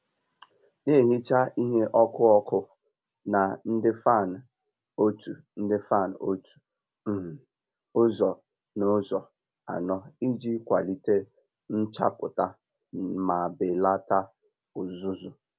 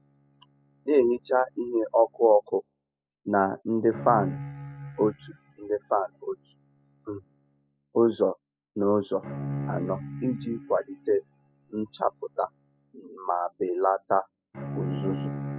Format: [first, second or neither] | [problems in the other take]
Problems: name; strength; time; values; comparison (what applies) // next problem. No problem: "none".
first | noise reduction (classical method spectral subtraction)